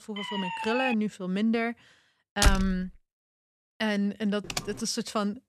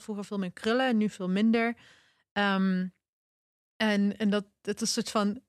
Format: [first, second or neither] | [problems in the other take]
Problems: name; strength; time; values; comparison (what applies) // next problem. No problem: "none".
second | siren; noticeable; at the start; peak 2 dB below the speech // door banging; loud; at 2.5 s; peak 4 dB above the speech // keyboard typing; noticeable; at 4.5 s; peak 5 dB below the speech